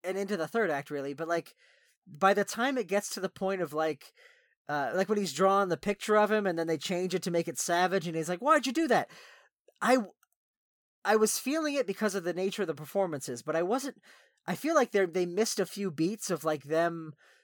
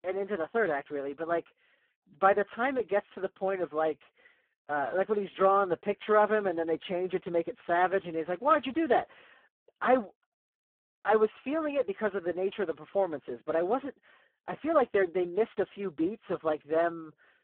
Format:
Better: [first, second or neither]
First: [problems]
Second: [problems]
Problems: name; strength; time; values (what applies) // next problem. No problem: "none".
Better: first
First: none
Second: phone-call audio; poor line